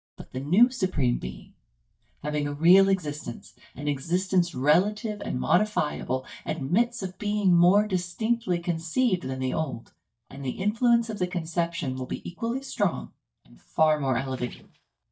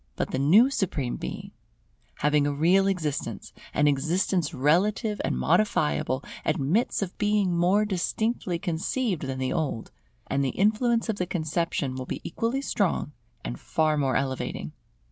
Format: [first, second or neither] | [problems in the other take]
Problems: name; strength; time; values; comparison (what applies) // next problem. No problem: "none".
second | noise reduction (neural mask model DeepFilterNet 3)